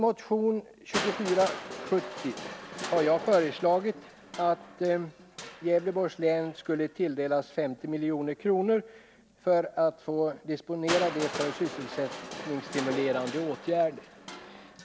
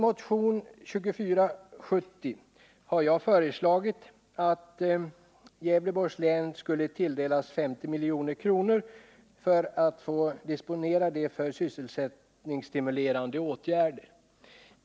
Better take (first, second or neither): second